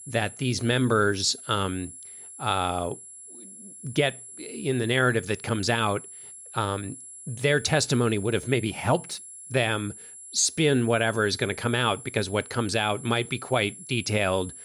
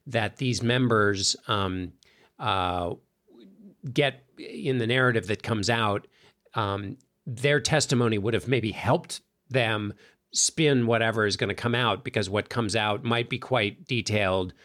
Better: second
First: high-pitched whine; noticeable; throughout; 10.5 kHz, 15 dB below the speech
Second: none

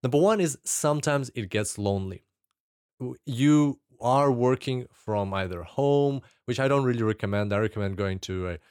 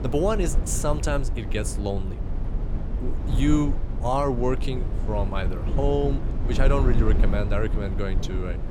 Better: first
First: none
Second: low rumble; noticeable; throughout; 10 dB below the speech

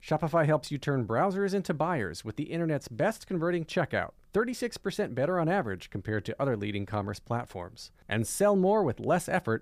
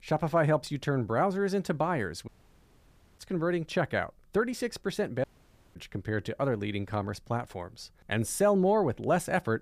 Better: first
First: none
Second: audio cutting out; at 2.5 s for 1 s and at 5 s for 0.5 s

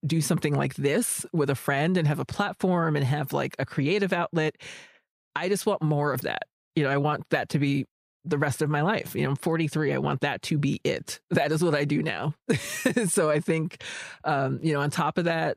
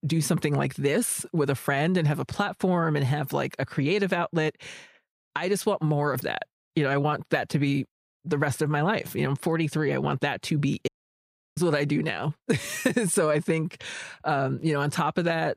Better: first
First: none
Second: audio cutting out; at 11 s for 0.5 s

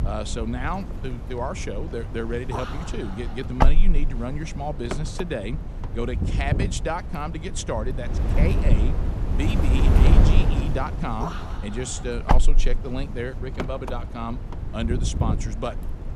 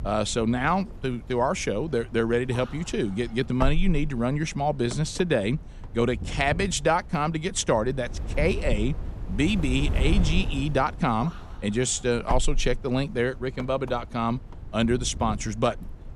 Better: second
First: wind noise on the microphone; heavy; 2 dB below the speech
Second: wind noise on the microphone; occasional gusts; 15 dB below the speech

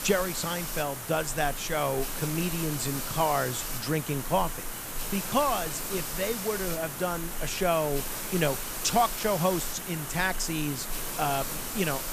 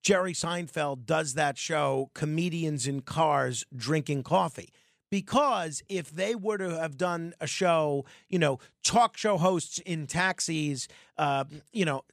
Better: second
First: hiss; loud; throughout; 4 dB below the speech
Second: none

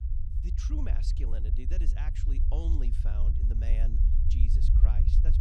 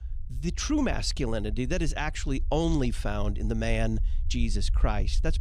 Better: second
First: low rumble; loud; throughout; 1 dB below the speech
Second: low rumble; faint; throughout; 25 dB below the speech

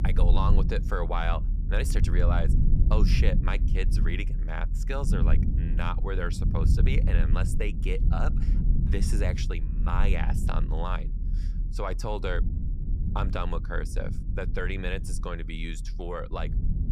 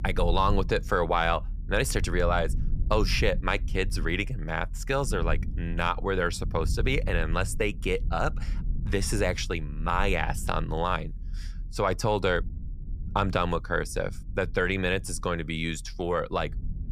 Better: second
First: low rumble; loud; throughout; 8 dB below the speech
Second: low rumble; faint; throughout; 25 dB below the speech

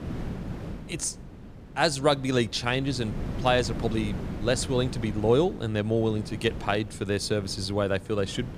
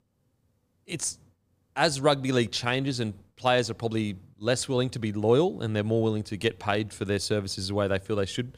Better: second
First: wind noise on the microphone; occasional gusts; 15 dB below the speech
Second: none

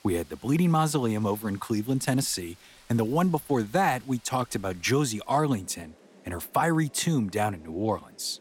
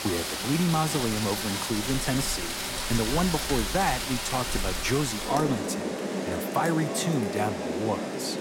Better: first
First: rain or running water; faint; throughout; 25 dB below the speech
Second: rain or running water; loud; throughout; 1 dB below the speech

